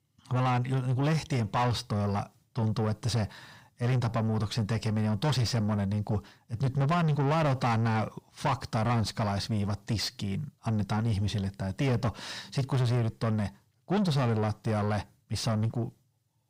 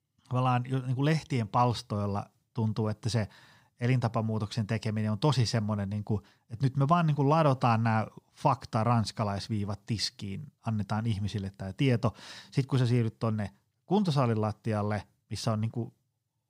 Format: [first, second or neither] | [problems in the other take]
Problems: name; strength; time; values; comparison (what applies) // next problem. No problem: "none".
second | distortion; heavy; 7 dB below the speech